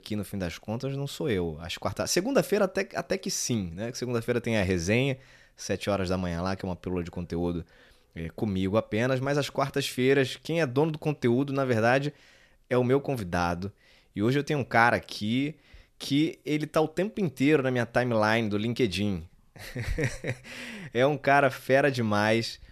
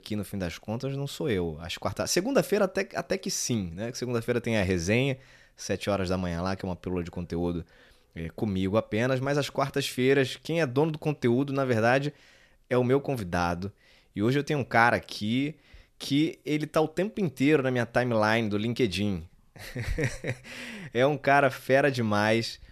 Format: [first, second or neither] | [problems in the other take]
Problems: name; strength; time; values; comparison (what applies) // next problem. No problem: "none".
neither | none